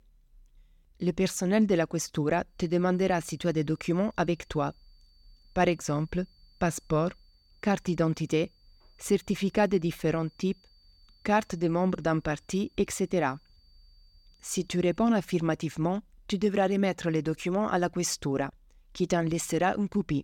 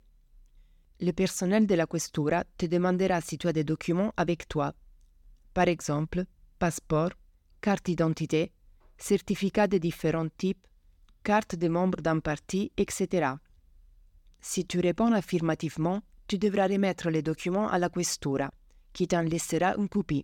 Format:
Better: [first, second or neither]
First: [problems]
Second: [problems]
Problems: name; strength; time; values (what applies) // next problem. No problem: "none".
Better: second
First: high-pitched whine; faint; from 2.5 to 15 s; 4.5 kHz, 35 dB below the speech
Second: none